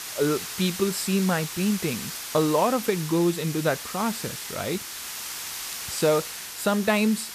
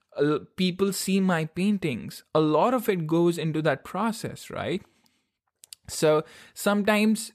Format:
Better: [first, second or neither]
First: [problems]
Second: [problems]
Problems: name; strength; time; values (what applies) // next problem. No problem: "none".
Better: second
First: hiss; loud; throughout; 7 dB below the speech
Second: none